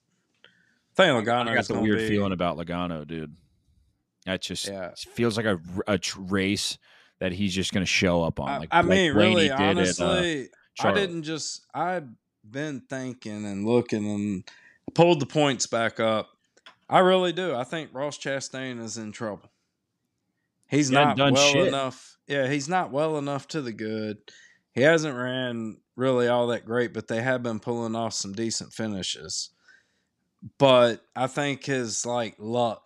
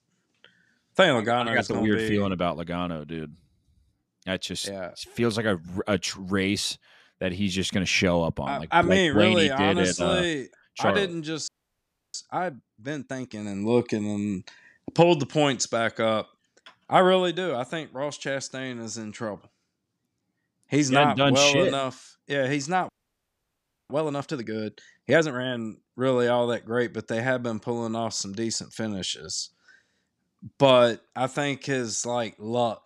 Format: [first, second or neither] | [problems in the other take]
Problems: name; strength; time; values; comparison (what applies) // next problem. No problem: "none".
first | audio freezing; at 11 s for 0.5 s and at 23 s for 1 s